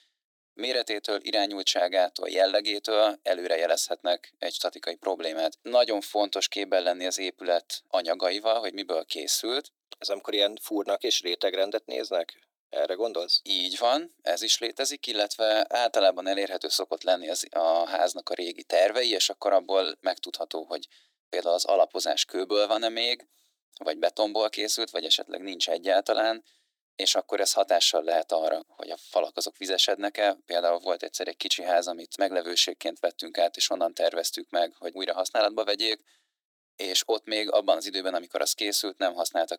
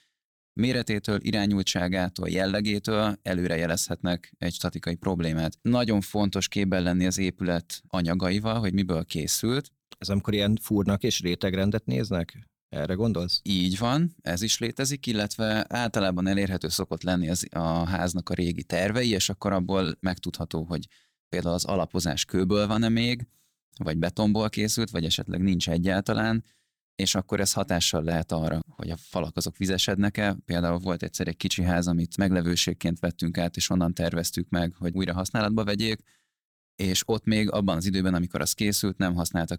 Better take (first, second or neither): second